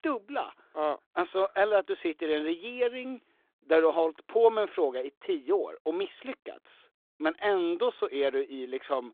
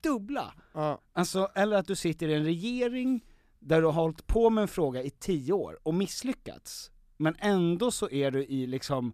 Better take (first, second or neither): second